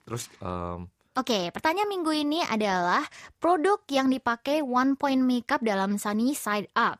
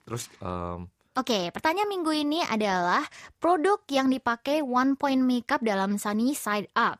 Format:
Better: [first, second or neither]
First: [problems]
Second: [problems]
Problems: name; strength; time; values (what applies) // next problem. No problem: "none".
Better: neither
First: none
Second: none